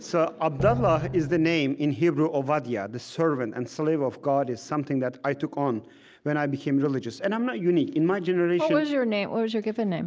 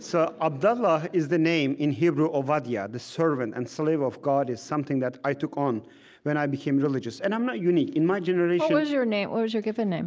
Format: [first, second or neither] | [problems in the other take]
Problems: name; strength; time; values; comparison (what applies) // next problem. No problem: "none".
second | background sound (Drum); 6 dB below the speech